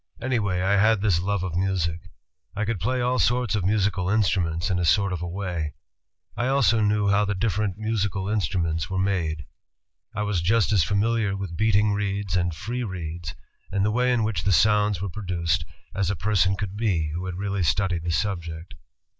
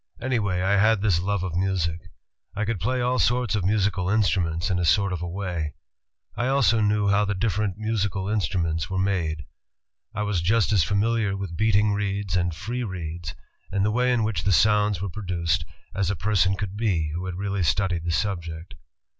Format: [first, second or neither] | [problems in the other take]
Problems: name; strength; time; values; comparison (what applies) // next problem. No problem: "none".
second | noise reduction (neural mask model Resemble Enhance denoiser)